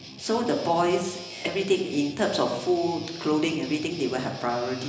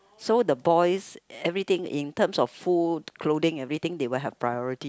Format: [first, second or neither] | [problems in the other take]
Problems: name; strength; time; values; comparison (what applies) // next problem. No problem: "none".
second | background sound (Guitar); 15 dB below the speech // room echo; dies away in 1 s